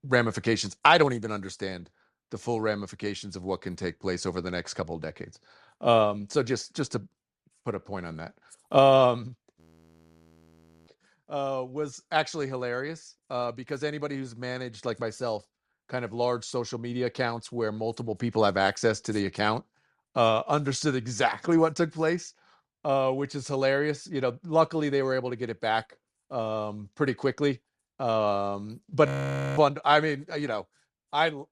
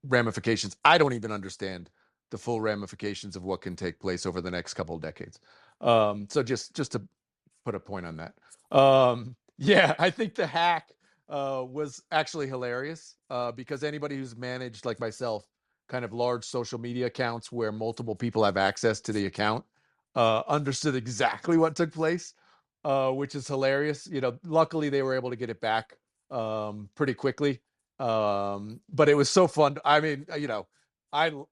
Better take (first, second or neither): second